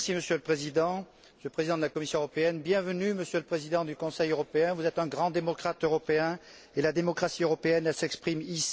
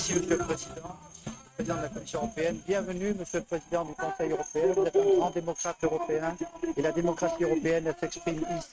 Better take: first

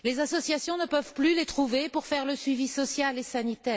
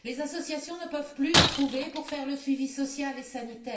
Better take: first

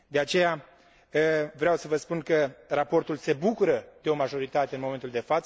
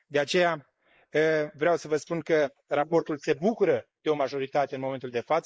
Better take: first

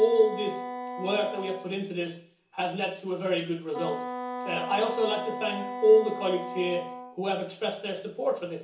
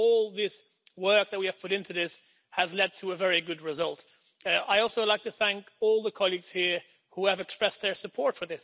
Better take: second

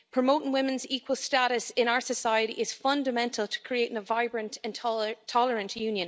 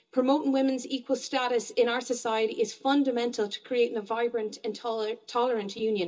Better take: first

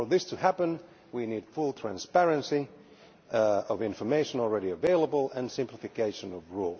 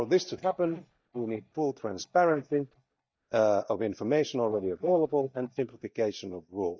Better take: first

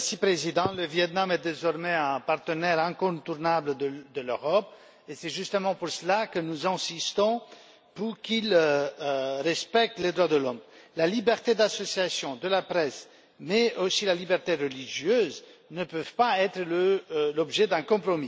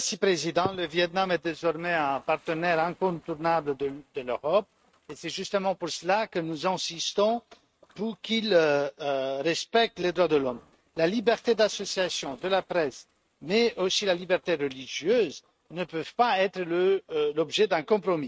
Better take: first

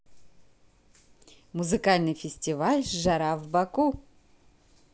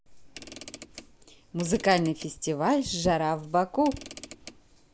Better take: first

